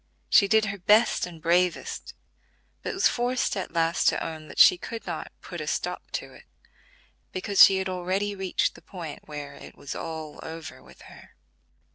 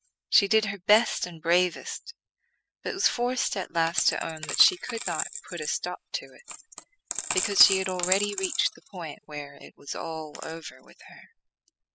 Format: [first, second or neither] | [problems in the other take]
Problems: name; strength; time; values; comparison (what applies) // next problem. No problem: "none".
first | noise reduction (classical method spectral subtraction)